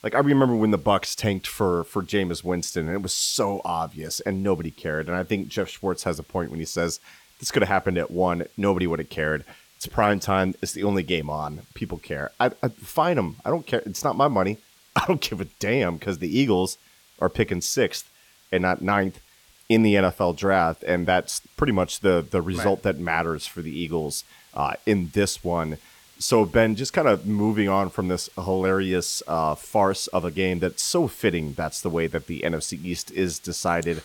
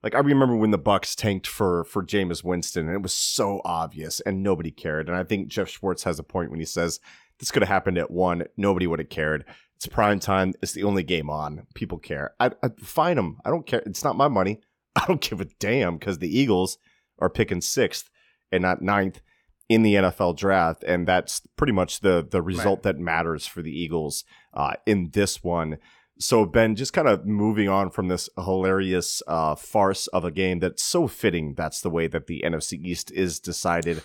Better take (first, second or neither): second